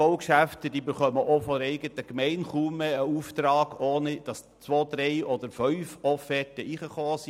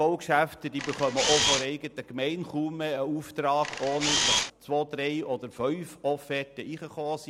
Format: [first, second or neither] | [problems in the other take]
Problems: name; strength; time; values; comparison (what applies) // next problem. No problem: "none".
first | background sound (Camera); 2 dB above the speech